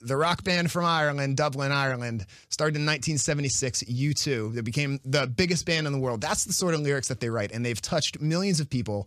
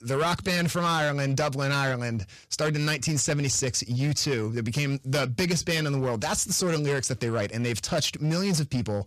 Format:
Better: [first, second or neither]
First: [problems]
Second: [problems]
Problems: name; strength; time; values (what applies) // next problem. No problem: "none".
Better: first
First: none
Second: distortion; slight; 13% of the sound clipped